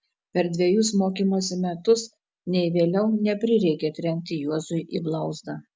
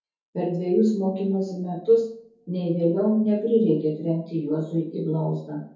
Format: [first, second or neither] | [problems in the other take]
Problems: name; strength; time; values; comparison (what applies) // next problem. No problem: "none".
first | room echo; dies away in 0.6 s